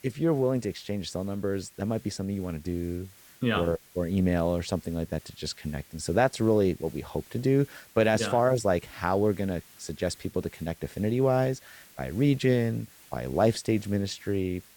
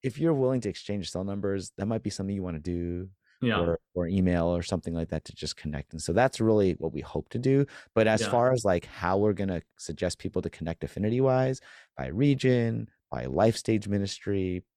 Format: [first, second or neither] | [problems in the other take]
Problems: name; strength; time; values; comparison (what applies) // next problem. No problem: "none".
second | hiss; faint; throughout; 25 dB below the speech